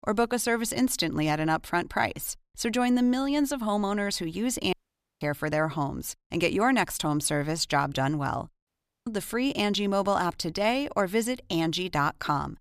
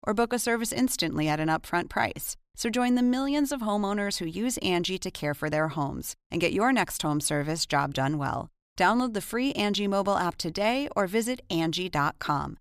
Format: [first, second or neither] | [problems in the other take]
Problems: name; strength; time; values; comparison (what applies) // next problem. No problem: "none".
second | audio cutting out; at 4.5 s and at 8.5 s